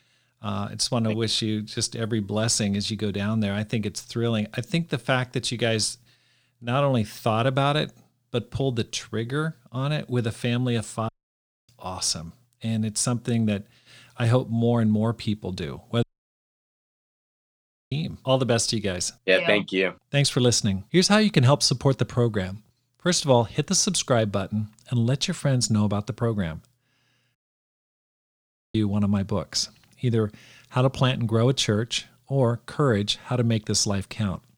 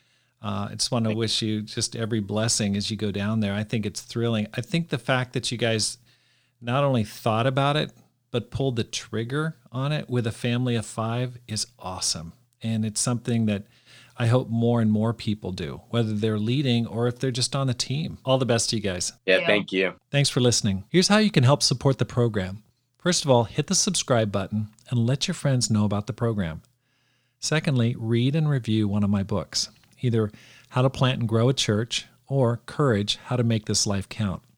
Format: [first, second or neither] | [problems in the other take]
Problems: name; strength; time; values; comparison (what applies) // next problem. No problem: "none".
second | audio cutting out; at 11 s for 0.5 s, at 16 s for 2 s and at 27 s for 1.5 s